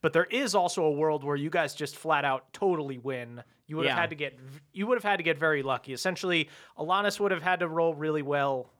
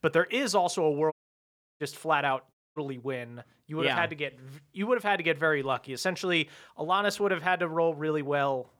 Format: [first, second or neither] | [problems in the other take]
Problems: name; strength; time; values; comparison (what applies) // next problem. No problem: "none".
first | audio cutting out; at 1 s for 0.5 s and at 2.5 s